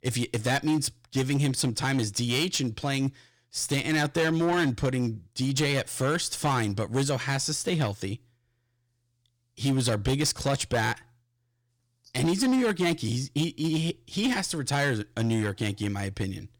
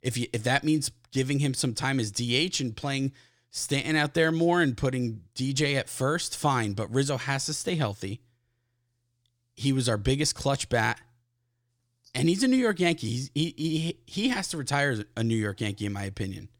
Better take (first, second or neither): second